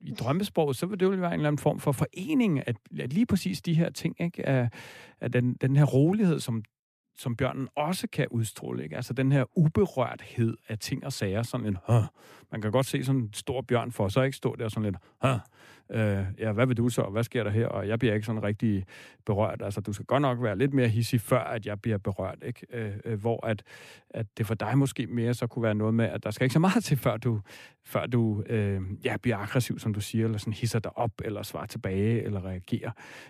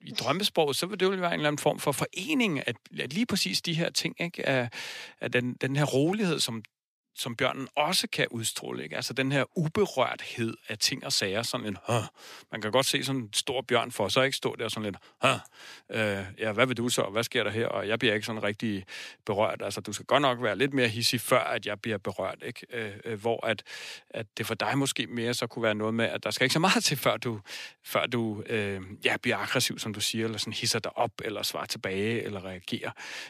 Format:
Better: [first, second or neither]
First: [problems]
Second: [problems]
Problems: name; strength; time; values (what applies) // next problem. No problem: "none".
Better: first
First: none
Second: thin; somewhat; fading below 500 Hz